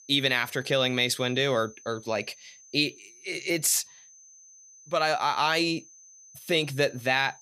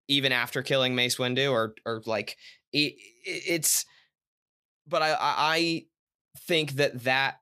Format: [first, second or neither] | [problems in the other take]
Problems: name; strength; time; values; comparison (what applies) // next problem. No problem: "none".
second | high-pitched whine; faint; throughout; 6 kHz, 25 dB below the speech